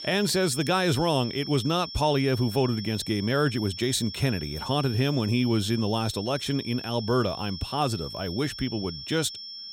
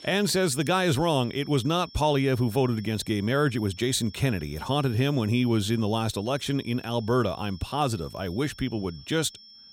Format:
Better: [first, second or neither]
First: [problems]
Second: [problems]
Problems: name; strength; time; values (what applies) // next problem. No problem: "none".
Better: second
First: high-pitched whine; loud; throughout; 5.5 kHz, 10 dB below the speech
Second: high-pitched whine; faint; throughout; 5.5 kHz, 20 dB below the speech